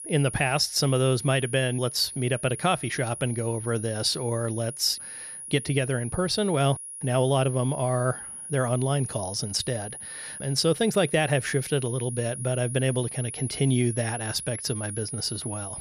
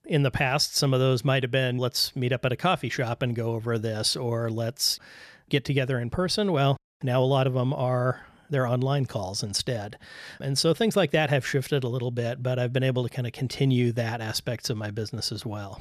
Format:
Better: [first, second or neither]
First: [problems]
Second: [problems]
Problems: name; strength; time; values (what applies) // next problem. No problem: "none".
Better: second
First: high-pitched whine; loud; throughout; 10.5 kHz, 9 dB below the speech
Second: none